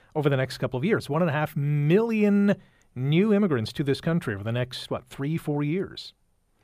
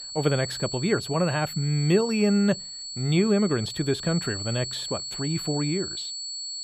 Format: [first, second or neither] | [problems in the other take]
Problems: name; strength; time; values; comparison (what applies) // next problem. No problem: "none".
first | high-pitched whine; loud; throughout; 4.5 kHz, 7 dB below the speech